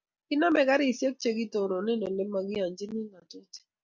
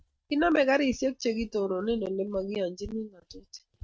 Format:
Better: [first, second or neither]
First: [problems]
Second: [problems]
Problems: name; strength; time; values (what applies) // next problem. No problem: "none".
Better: first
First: none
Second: noise reduction (neural mask model RNNoise)